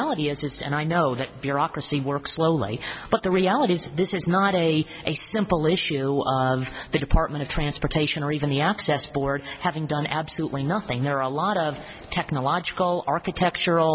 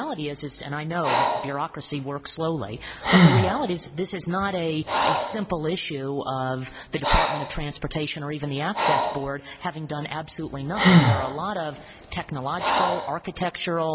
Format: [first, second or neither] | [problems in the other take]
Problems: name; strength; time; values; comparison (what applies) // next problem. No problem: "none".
first | background sound (Breathing); 2 dB above the speech